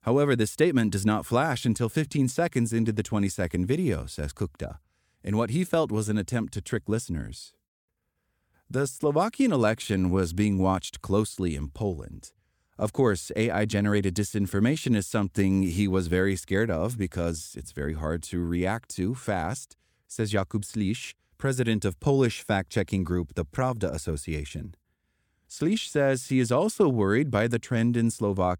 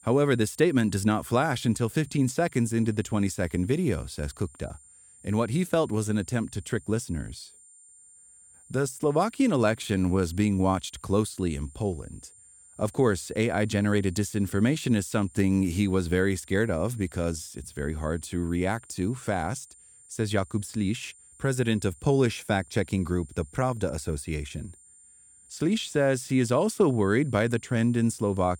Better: first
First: none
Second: high-pitched whine; faint; throughout; 9 kHz, 25 dB below the speech

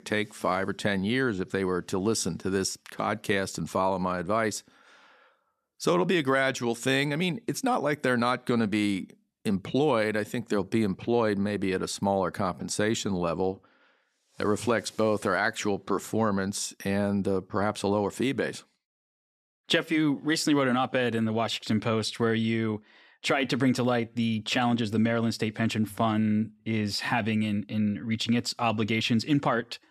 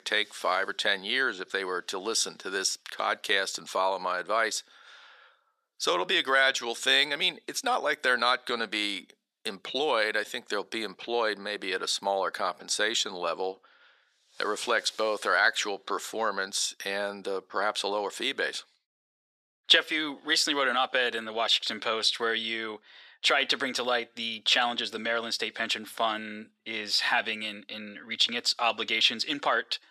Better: first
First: none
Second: thin; very; fading below 550 Hz

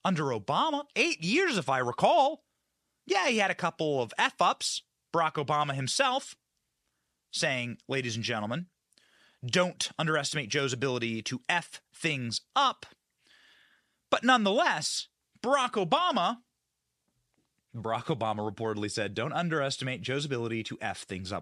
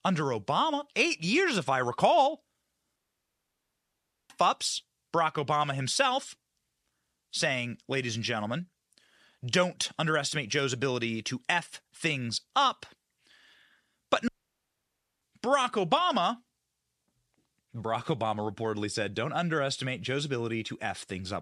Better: first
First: none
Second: audio cutting out; at 3 s for 1.5 s and at 14 s for 1 s

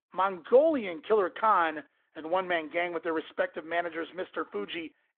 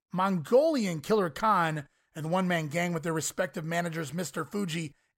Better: second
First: phone-call audio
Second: none

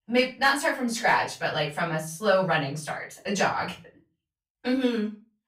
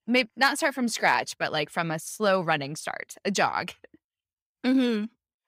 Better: second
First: room echo; slight; dies away in 0.3 s // off-mic speech; far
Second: none

